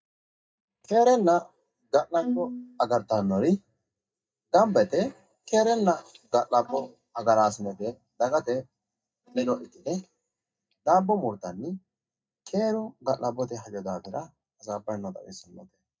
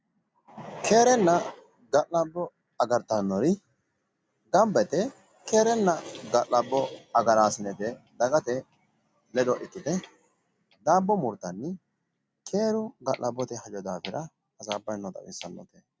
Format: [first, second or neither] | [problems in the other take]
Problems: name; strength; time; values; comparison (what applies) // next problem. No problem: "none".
second | noise reduction (neural mask model DeepFilterNet 3)